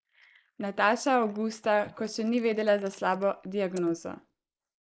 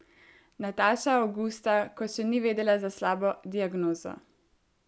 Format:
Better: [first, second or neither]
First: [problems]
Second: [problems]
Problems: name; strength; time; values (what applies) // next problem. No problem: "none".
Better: second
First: noise reduction (neural mask model Resemble Enhance denoiser)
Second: none